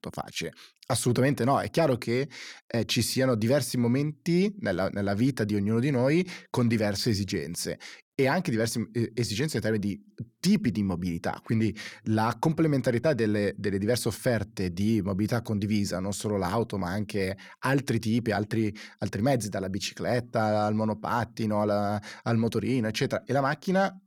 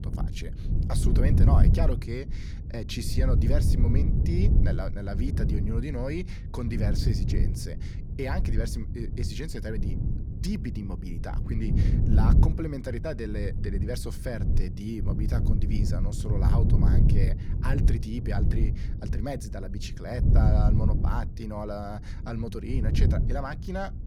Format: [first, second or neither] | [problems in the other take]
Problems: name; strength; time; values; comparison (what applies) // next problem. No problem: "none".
first | wind noise on the microphone; heavy; 3 dB below the speech